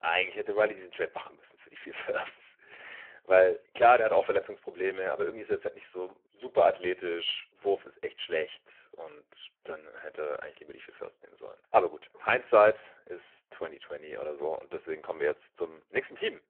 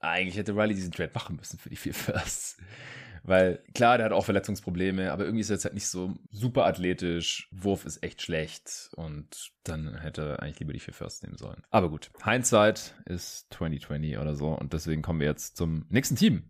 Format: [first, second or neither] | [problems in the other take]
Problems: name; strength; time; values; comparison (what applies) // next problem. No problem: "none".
second | phone-call audio; poor line